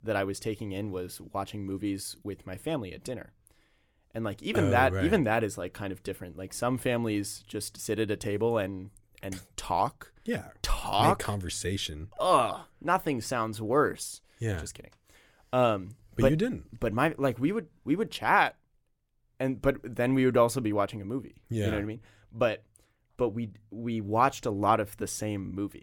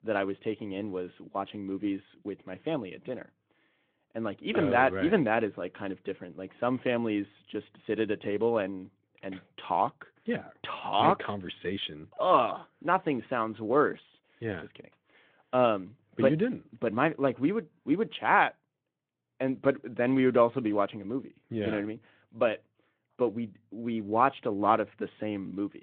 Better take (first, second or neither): first